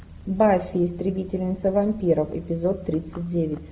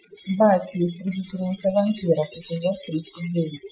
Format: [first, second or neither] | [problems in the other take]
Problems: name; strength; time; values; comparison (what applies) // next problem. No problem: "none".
first | noise reduction (classical method Wiener filter)